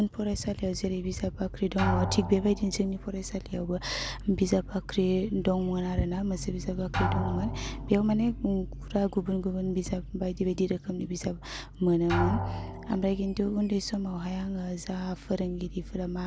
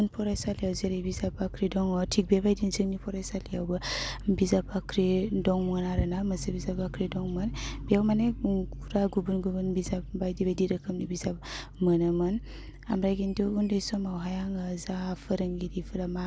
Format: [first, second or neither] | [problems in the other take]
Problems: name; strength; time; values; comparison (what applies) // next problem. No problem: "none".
second | background sound (Drum); 9 dB below the speech